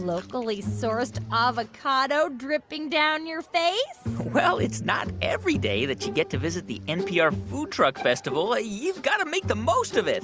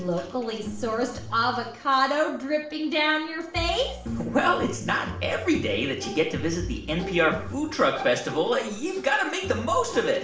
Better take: first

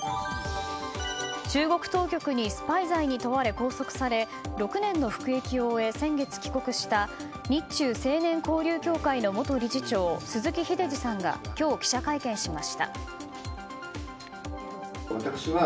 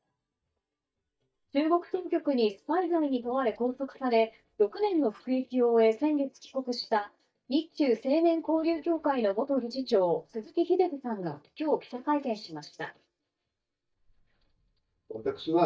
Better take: first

